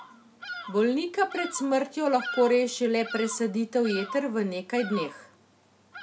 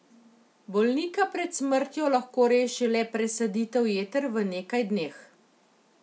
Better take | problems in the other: second | background sound (Bird vocalization, bird call, bird song); 14 dB below the speech

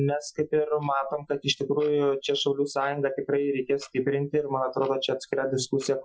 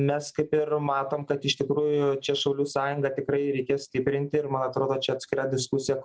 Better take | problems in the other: second | noise reduction (classical method Wiener filter)

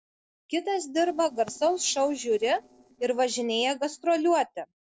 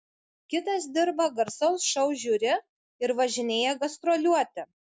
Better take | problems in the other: second | noise reduction (neural separator model SepFormer DNS4)

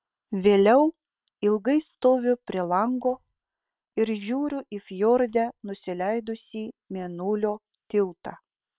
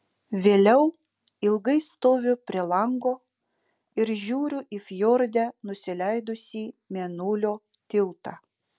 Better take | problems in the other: second | noise reduction (neural separator model SepFormer WHAM!)

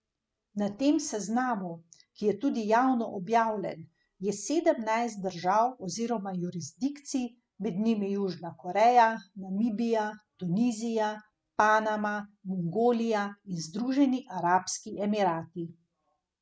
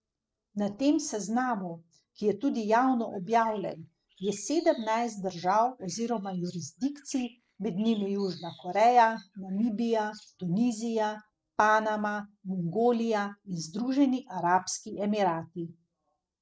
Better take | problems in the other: first | noise reduction (neural separator model SepFormer DNS4)

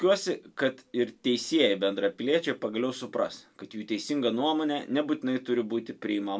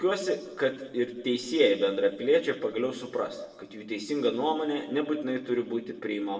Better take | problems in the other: first | room echo; dies away in 1.4 s

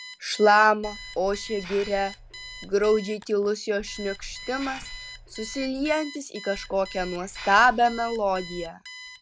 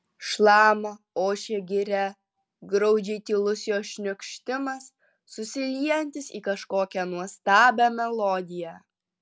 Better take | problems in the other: second | background sound (Hiss + Alarm); 15 dB below the speech

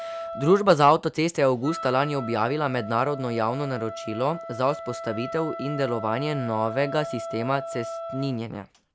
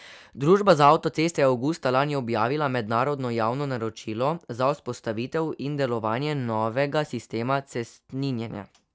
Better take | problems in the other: second | background sound (Wind instrument, woodwind instrument); 11 dB below the speech

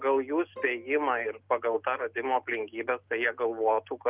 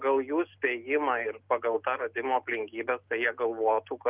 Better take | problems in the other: second | background sound (Bowed string instrument); 19 dB below the speech

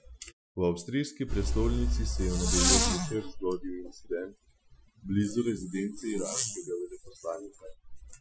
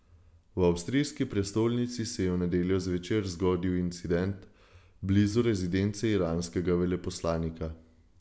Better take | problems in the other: second | noise reduction (classical method Wiener filter)

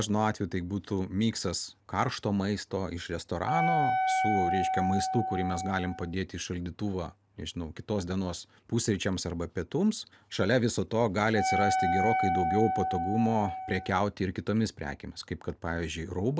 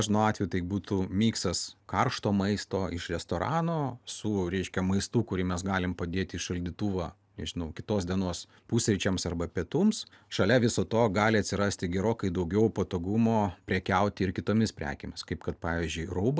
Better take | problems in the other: second | background sound (Wind instrument, woodwind instrument); as loud as the speech

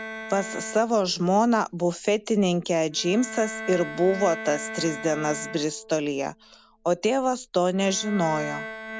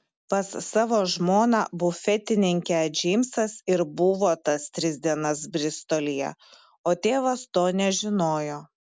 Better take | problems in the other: second | background sound (Bowed string instrument); 13 dB below the speech

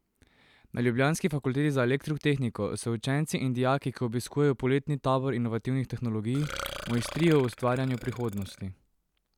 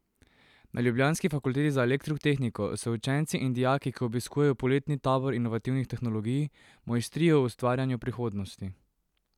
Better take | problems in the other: second | background sound (Burping, eructation); 13 dB below the speech

